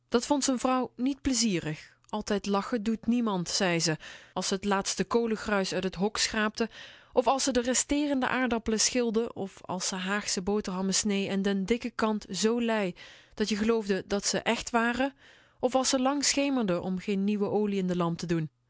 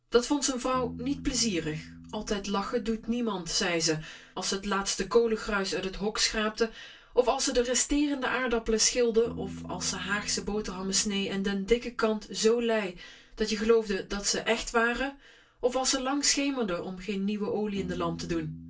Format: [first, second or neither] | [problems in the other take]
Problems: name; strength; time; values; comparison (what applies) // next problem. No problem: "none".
first | background sound (Piano); 19 dB below the speech // room echo; dies away in 0.2 s